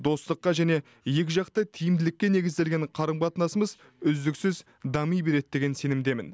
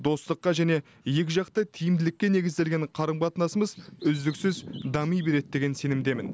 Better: first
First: none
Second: background sound (Bird vocalization, bird call, bird song); 19 dB below the speech

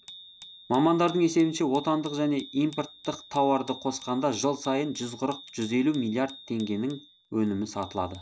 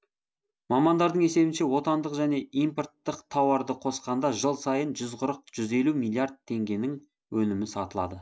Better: second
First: background sound (Bicycle bell); 19 dB below the speech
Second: none

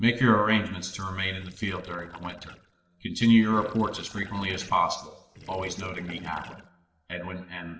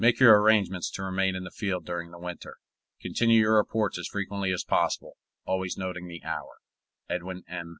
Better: second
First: noise reduction (neural separator model SepFormer DNS4)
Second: none

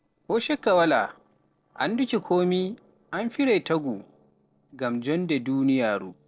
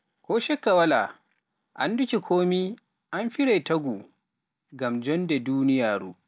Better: second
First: noise reduction (neural separator model SepFormer DNS4)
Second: none

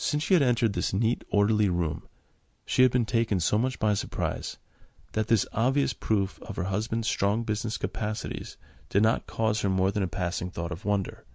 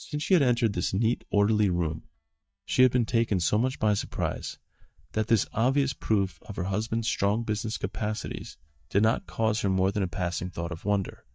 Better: first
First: none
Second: noise reduction (neural mask model DeepFilterNet 3)

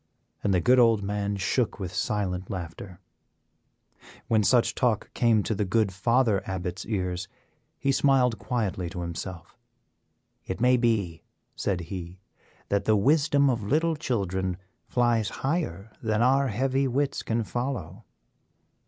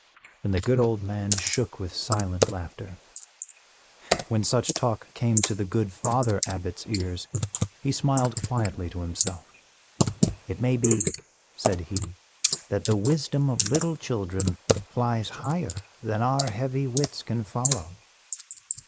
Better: first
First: none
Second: noise reduction (neural mask model Resemble Enhance denoiser)

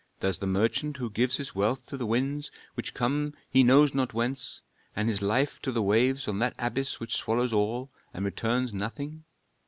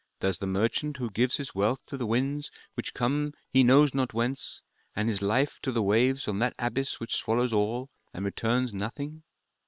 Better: first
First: none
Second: noise reduction (neural separator model SepFormer WHAM!)

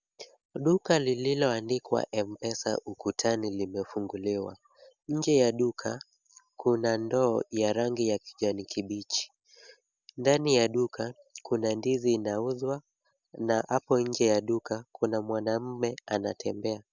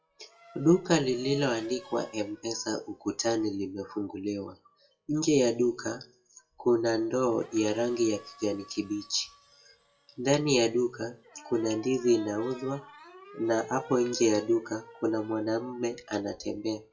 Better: first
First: none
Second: noise reduction (classical method WPE with log-MMSE)

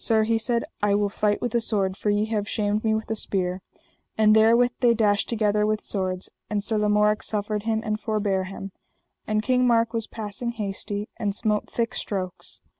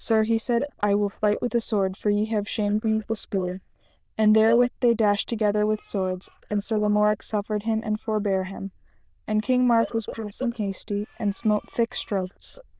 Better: first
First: none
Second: noise reduction (neural diffusion model UNIVERSE++)

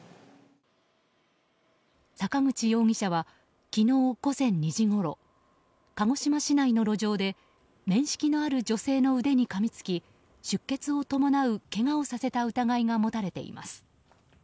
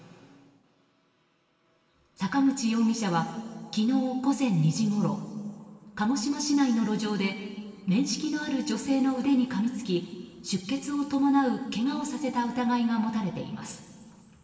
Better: first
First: none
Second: room echo; dies away in 2.3 s

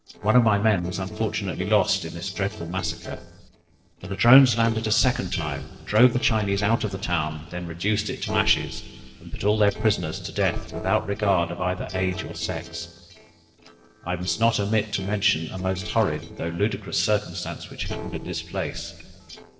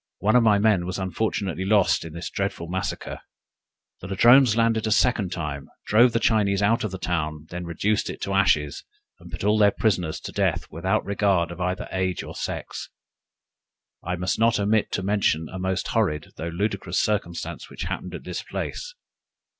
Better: second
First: noise reduction (neural separator model SepFormer DNS4)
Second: none

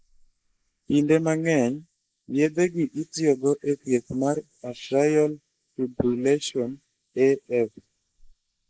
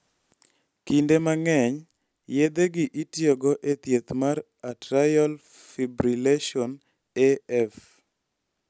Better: second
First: noise reduction (neural mask model Resemble Enhance denoiser)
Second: none

